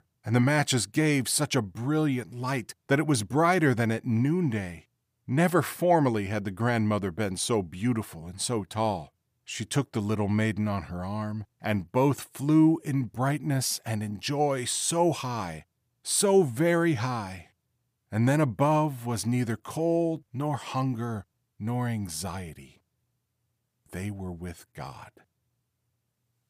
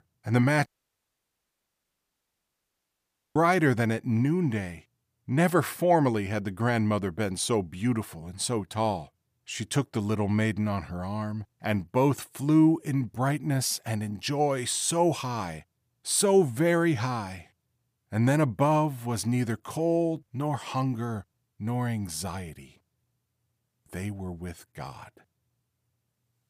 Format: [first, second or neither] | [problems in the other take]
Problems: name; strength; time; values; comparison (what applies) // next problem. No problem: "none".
first | audio cutting out; at 0.5 s for 2.5 s